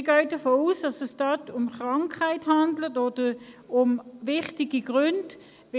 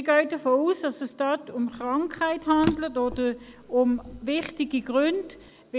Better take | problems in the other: first | background sound (Drawer open or close); 14 dB below the speech

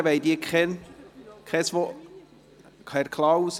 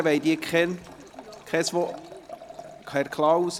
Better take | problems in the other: first | background sound (Liquid); 18 dB below the speech

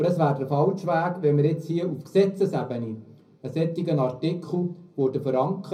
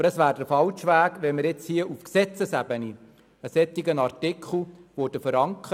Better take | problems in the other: second | room echo; dies away in 0.4 s

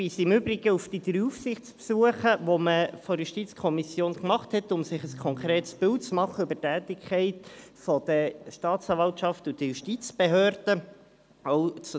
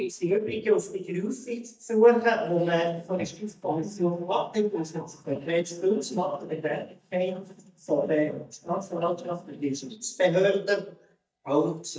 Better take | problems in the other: first | noise reduction (neural mask model DeepFilterNet 3)

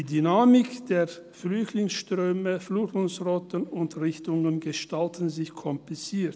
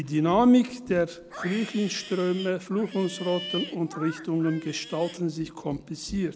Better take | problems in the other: first | background sound (Livestock, farm animals, working animals); 15 dB below the speech

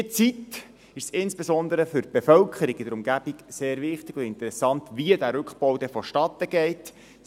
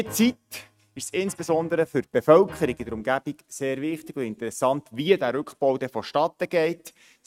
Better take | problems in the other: first | noise reduction (neural mask model RNNoise)

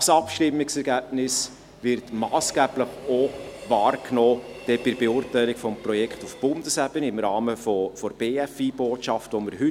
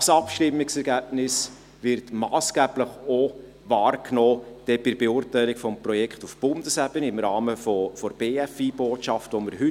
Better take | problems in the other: second | background sound (Train); 19 dB below the speech

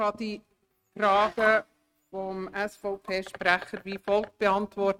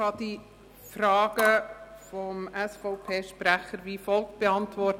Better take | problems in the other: second | noise reduction (neural mask model RNNoise)

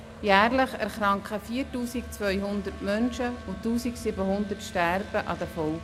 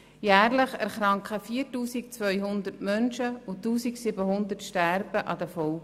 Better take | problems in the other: second | background sound (Wind instrument, woodwind instrument + Truck); 14 dB below the speech

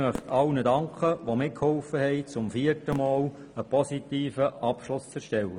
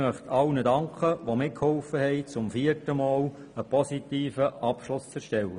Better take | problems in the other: second | background sound (Fireworks); 20 dB below the speech

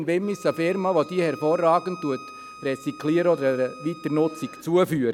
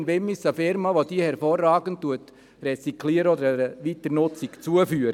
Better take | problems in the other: second | background sound (Bowed string instrument); 19 dB below the speech

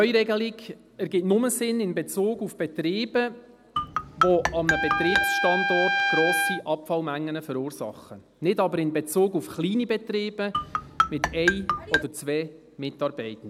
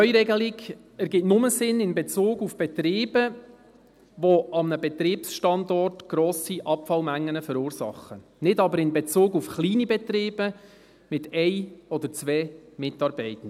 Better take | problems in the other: second | background sound (Trumpet + Marimba, xylophone); 1 dB above the speech

